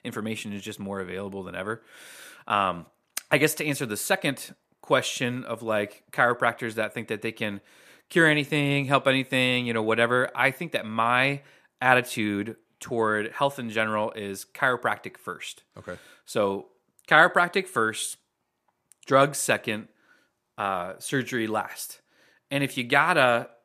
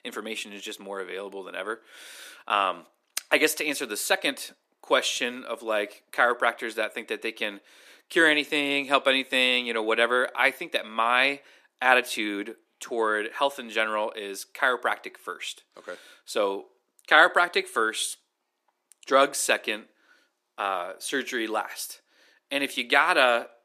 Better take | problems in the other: first | thin; very slightly; fading below 300 Hz

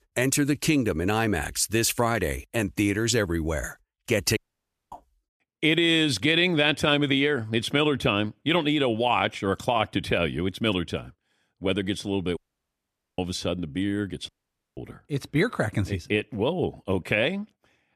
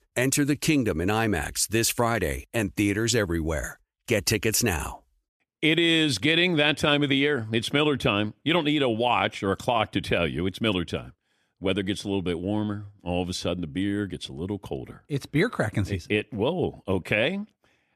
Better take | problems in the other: second | audio cutting out; at 4.5 s for 0.5 s, at 12 s for 1 s and at 14 s

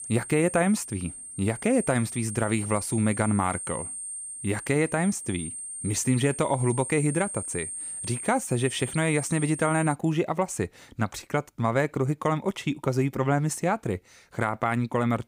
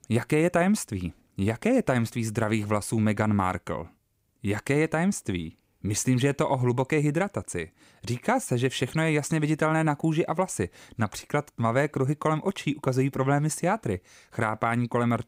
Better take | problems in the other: second | high-pitched whine; loud; until 10 s; 8.5 kHz, 8 dB below the speech

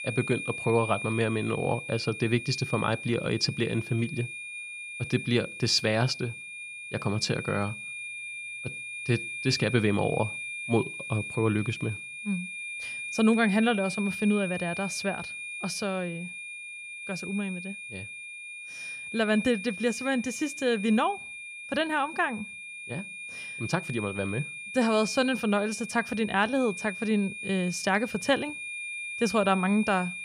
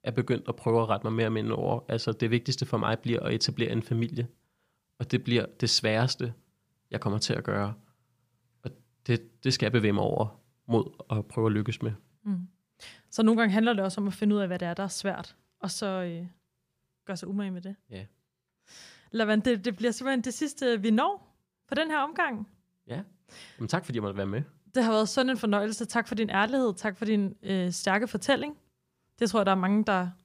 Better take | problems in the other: second | high-pitched whine; loud; throughout; 2.5 kHz, 8 dB below the speech

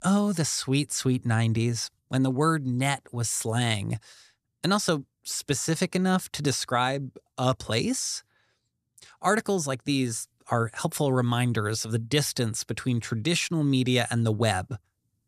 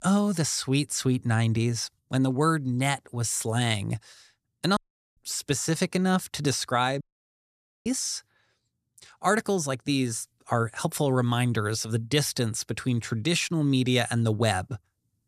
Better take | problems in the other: first | audio cutting out; at 5 s and at 7 s for 1 s

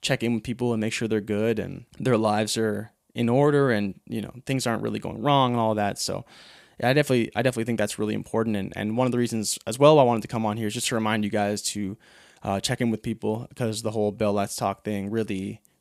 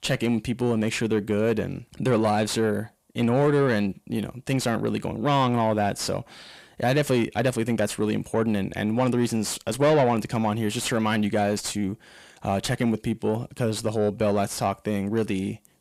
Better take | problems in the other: first | distortion; slight; 10 dB below the speech

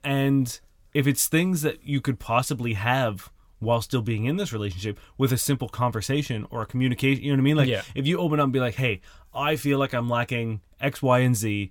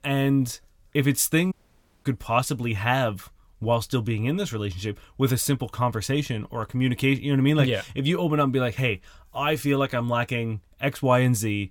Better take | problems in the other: first | audio cutting out; at 1.5 s for 0.5 s

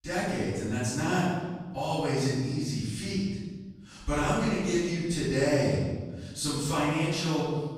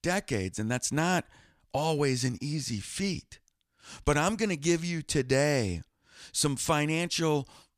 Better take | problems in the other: second | off-mic speech; far // room echo; strong; dies away in 1.3 s

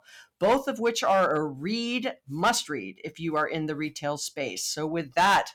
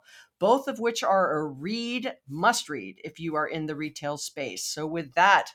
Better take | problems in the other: second | distortion; slight; 3% of the sound clipped

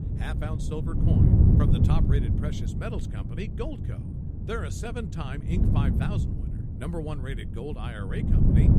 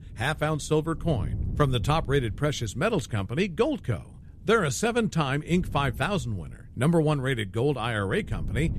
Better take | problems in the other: second | wind noise on the microphone; heavy; as loud as the speech; occasional gusts in the second

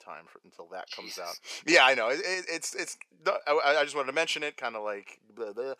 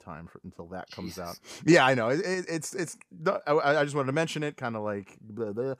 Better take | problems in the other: second | thin; very; fading below 550 Hz

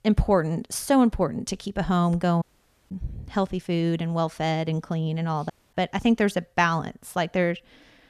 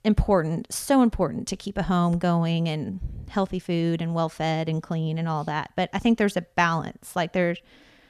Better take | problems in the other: second | audio cutting out; at 2.5 s and at 5.5 s

